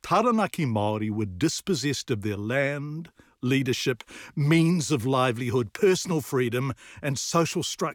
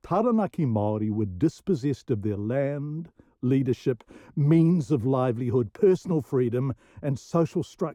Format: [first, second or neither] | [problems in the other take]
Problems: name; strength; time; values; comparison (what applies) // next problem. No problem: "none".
first | muffled; slightly; fading above 1 kHz